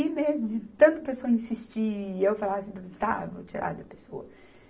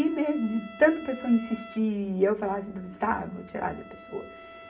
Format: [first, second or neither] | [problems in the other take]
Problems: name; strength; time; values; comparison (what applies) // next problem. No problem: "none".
first | background sound (Trumpet); 19 dB below the speech // room echo; dies away in 0.3 s